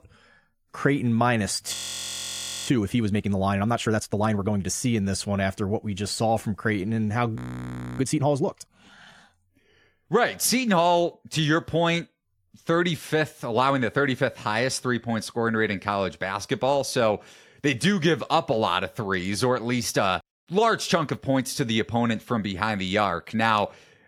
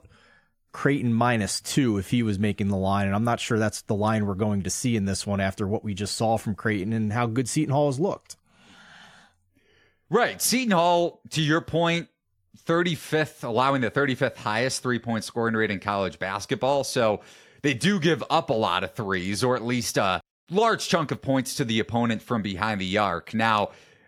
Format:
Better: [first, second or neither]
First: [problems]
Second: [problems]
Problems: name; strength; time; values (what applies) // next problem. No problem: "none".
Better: second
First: audio freezing; at 1.5 s for 1 s and at 7.5 s for 0.5 s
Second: none